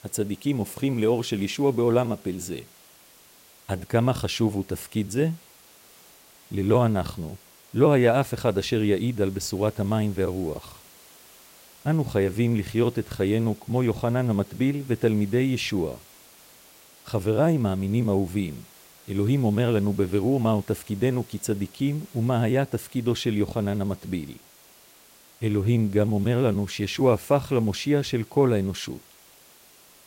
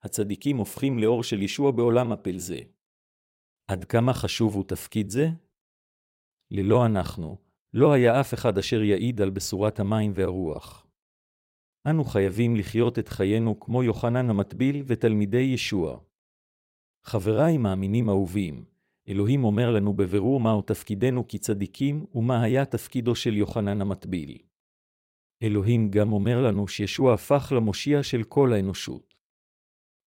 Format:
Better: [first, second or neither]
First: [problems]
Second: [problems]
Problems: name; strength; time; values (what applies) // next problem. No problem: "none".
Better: second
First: hiss; faint; throughout; 25 dB below the speech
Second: none